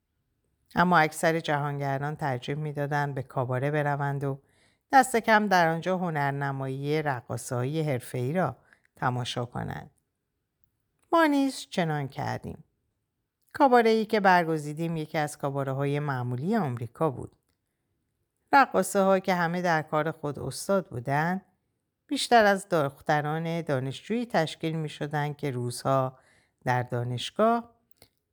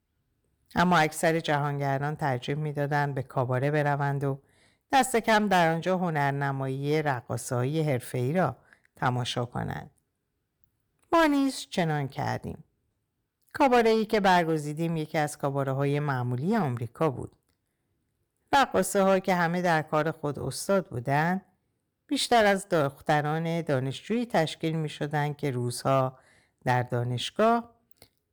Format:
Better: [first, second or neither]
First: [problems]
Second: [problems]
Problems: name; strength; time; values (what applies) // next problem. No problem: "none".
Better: first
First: none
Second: distortion; slight; 4% of the sound clipped